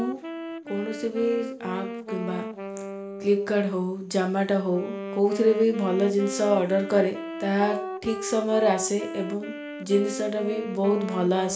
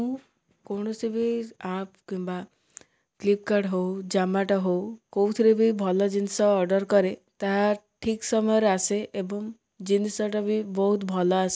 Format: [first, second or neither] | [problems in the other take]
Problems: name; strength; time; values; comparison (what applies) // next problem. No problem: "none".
second | background sound (Wind instrument, woodwind instrument); 9 dB below the speech // room echo; dies away in 0.4 s